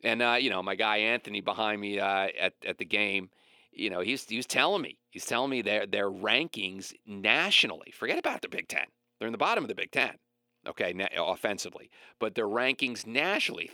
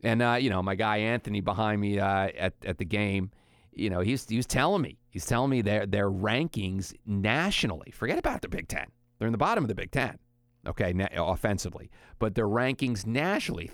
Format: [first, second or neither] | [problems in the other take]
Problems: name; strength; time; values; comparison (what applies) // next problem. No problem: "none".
second | thin; somewhat; fading below 350 Hz